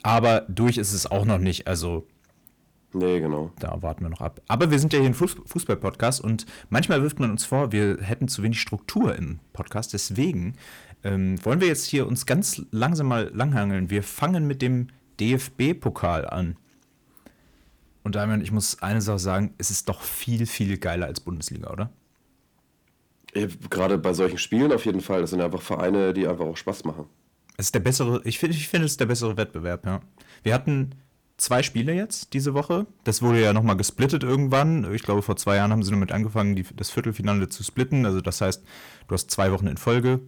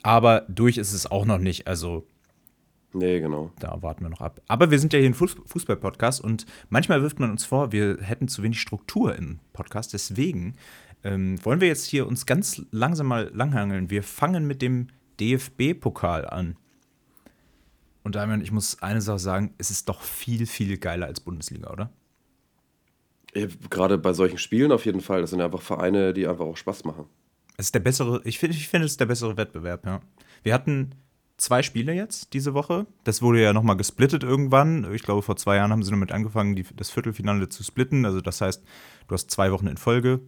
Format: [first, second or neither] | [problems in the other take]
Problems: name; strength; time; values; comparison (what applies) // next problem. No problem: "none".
second | distortion; slight; 10 dB below the speech